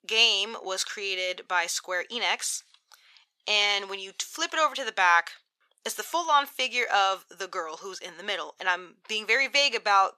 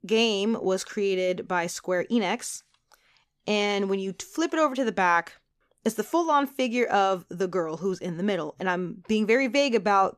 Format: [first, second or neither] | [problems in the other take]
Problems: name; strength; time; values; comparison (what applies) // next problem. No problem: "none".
second | thin; very; fading below 950 Hz